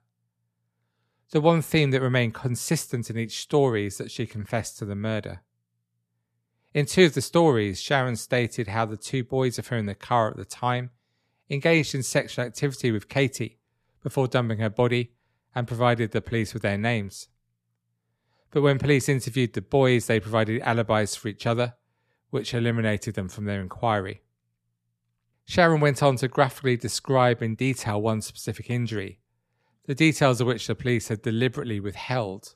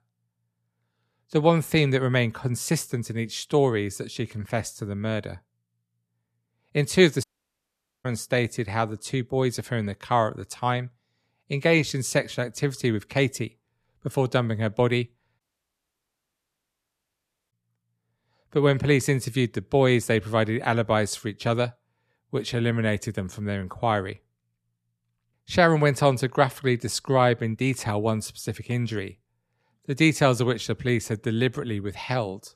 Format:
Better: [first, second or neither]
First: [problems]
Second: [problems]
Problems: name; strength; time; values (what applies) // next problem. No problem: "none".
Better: first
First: none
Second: audio cutting out; at 7 s for 1 s and at 15 s for 2 s